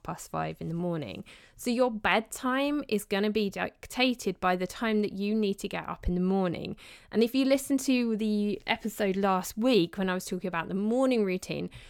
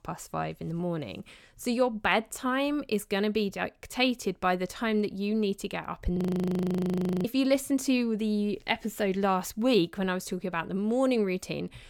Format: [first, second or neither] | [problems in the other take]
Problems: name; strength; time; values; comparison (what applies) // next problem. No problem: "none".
first | audio freezing; at 6 s for 1 s